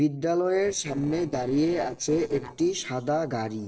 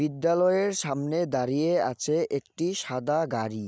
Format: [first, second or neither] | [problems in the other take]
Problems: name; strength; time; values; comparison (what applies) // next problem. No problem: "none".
second | noise reduction (neural separator model SepFormer DNS4)